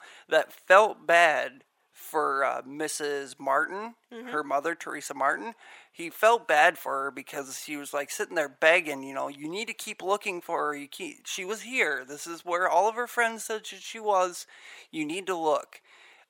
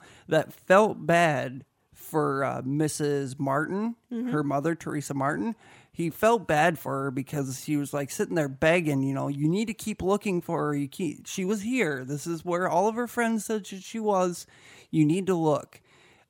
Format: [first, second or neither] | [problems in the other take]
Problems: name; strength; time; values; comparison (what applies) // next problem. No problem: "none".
second | thin; very; fading below 600 Hz